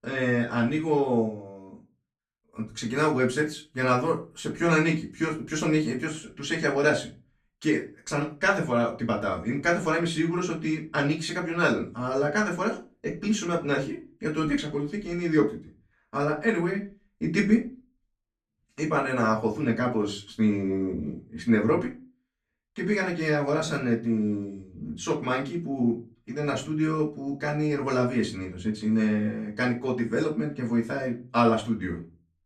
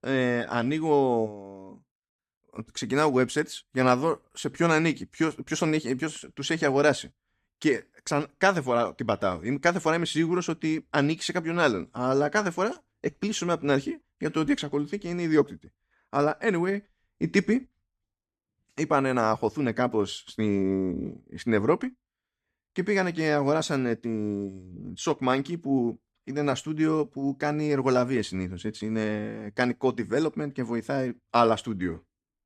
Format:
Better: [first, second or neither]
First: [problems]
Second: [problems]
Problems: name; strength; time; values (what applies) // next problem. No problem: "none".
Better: second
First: off-mic speech; far // room echo; very slight; dies away in 0.3 s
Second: none